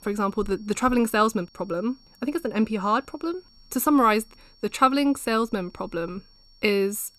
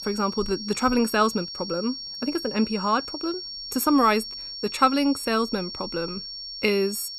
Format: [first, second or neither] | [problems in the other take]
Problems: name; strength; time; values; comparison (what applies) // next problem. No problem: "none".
first | high-pitched whine; loud; throughout; 5.5 kHz, 8 dB below the speech; faint in the first